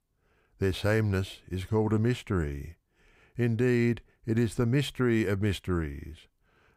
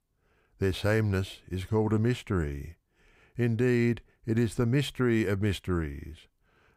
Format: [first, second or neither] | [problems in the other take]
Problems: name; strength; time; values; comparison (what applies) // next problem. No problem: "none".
neither | none